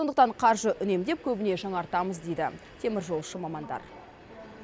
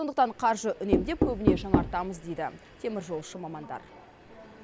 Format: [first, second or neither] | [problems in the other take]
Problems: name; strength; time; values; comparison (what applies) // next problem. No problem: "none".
first | background sound (Knock); as loud as the speech